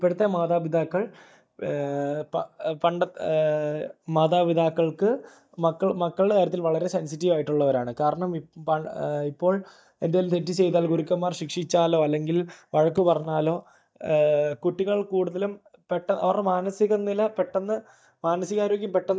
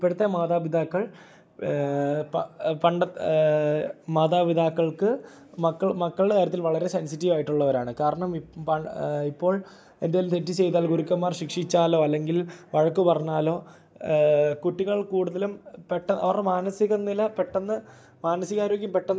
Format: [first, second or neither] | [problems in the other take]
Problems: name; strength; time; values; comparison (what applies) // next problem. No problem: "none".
second | noise reduction (neural mask model DeepFilterNet 3)